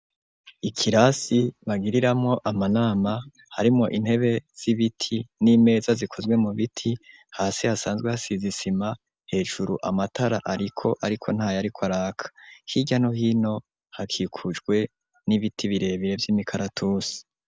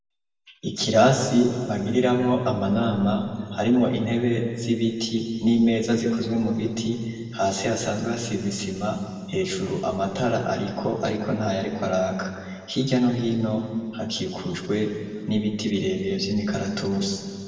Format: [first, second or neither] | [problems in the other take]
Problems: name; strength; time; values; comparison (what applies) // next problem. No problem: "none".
first | room echo; dies away in 2.2 s